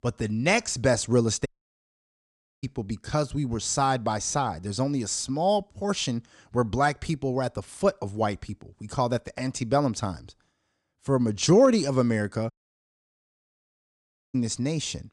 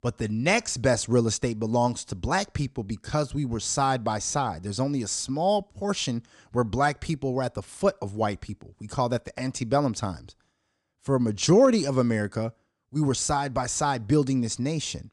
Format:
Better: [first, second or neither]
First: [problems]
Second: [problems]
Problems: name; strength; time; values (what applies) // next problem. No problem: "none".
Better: second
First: audio cutting out; at 1.5 s for 1 s and at 13 s for 2 s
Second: none